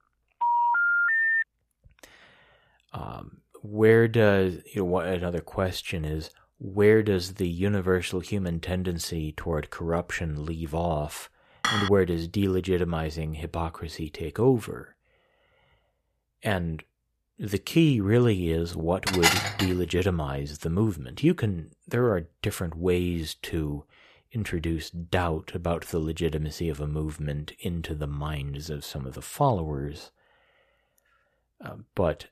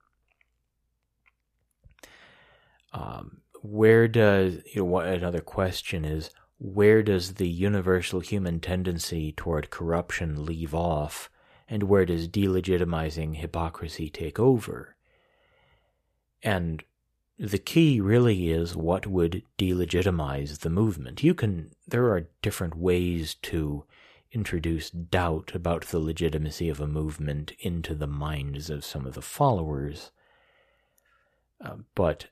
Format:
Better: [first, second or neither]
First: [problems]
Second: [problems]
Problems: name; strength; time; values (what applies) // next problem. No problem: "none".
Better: second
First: phone ringing; loud; until 1.5 s; peak 6 dB above the speech // clattering dishes; loud; at 12 s and at 19 s; peak 5 dB above the speech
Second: none